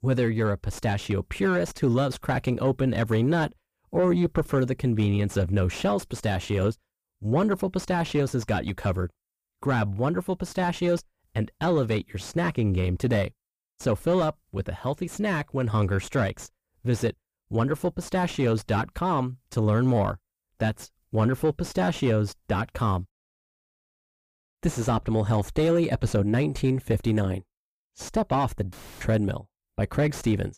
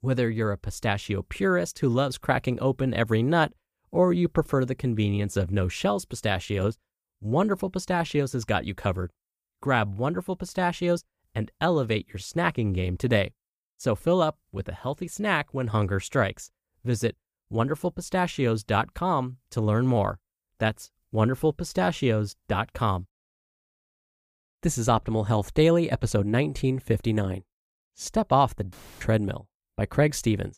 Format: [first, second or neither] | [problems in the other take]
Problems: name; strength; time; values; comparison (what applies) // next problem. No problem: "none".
second | distortion; slight; 10 dB below the speech